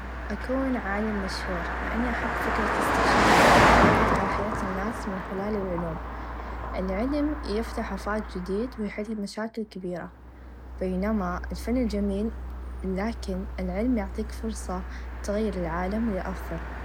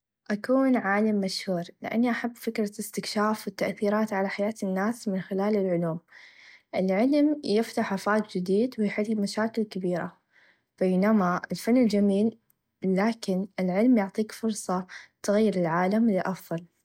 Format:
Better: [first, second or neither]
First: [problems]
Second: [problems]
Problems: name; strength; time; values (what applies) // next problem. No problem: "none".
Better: second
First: background sound (Car passing by); 3 dB above the speech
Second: none